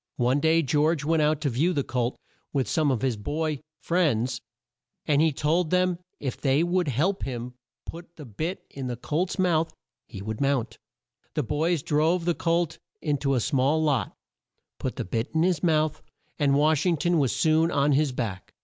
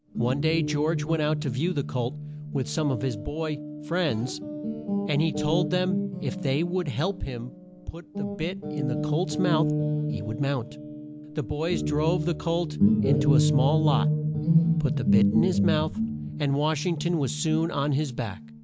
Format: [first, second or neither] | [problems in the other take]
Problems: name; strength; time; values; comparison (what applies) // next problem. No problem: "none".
first | background sound (Guitar); 1 dB above the speech